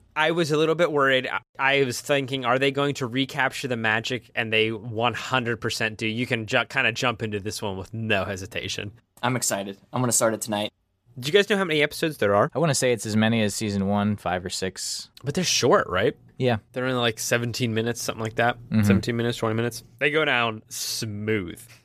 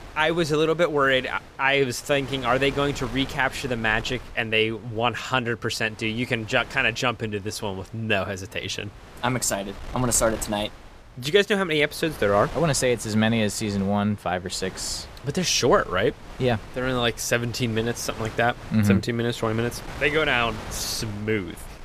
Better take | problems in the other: first | wind noise on the microphone; occasional gusts; 20 dB below the speech

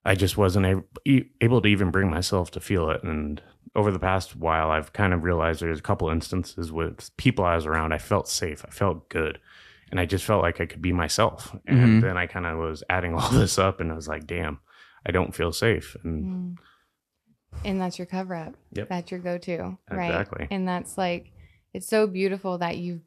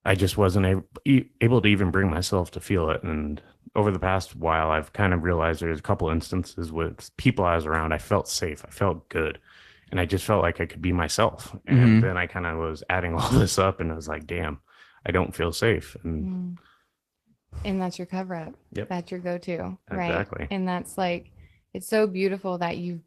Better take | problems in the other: first | garbled, watery; slightly; nothing above 14 kHz

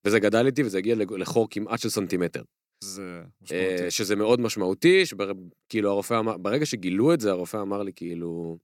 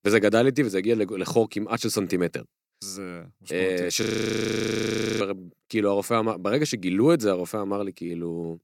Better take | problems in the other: first | audio freezing; at 4 s for 1 s

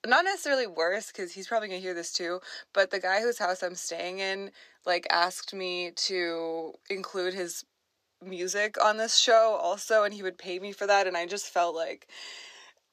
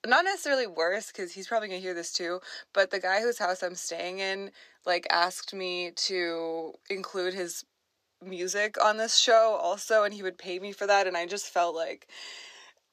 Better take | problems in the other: neither | thin; somewhat; fading below 500 Hz; the same in both

